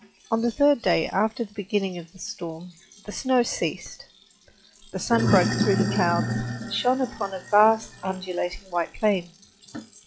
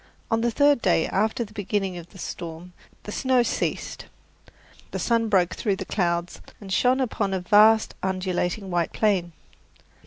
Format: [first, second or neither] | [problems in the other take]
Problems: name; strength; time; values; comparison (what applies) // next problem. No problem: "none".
second | noise reduction (classical method log-MMSE)